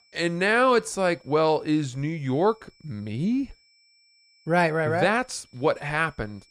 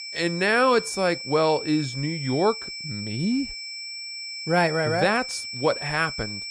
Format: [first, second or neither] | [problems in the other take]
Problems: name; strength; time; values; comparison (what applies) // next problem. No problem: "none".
first | high-pitched whine; loud; throughout; 5.5 kHz, 8 dB below the speech; faint in the first